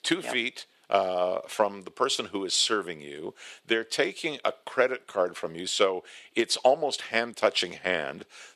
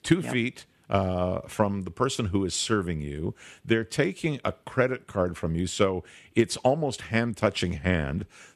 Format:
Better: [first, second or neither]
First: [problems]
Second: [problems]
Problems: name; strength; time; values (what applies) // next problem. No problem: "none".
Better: second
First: thin; very; fading below 500 Hz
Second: none